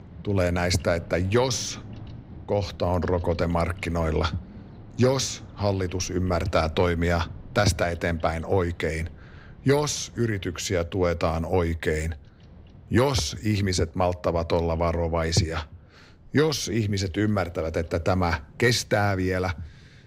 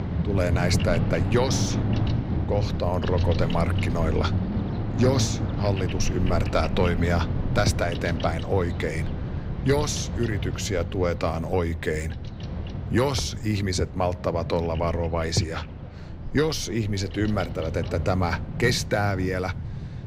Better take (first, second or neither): first